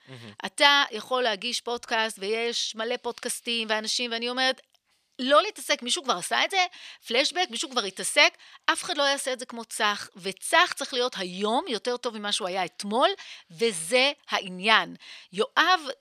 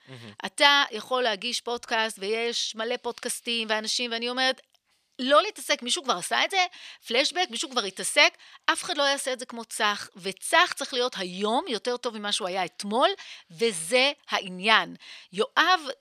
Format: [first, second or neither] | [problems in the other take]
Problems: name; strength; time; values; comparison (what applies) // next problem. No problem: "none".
neither | thin; very slightly; fading below 450 Hz; the same in both